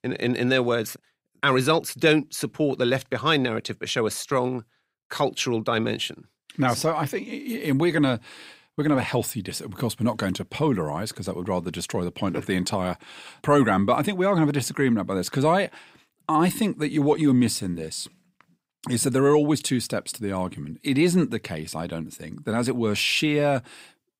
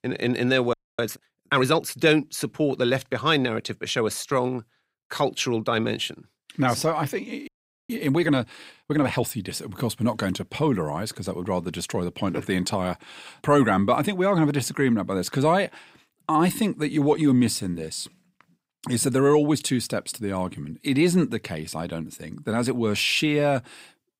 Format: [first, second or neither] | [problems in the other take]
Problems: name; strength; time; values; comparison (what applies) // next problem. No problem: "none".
first | audio freezing; at 0.5 s and at 7.5 s